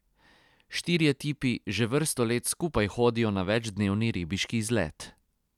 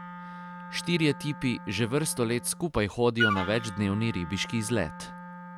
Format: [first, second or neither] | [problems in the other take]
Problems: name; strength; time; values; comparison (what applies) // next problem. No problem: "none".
first | background sound (Wind instrument, woodwind instrument); 8 dB below the speech